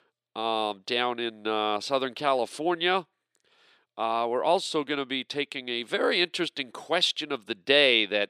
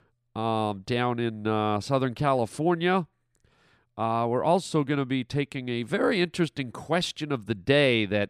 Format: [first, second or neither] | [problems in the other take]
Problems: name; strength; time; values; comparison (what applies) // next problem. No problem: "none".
second | thin; somewhat; fading below 400 Hz